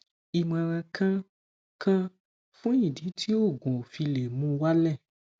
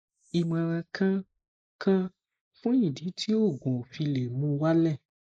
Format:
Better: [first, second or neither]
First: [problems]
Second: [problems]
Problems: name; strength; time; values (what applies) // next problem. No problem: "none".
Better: first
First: none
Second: noise reduction (neural mask model Resemble Enhance denoiser)